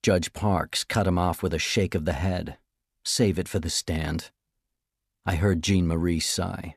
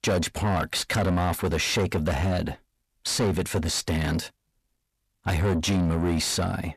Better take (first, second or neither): first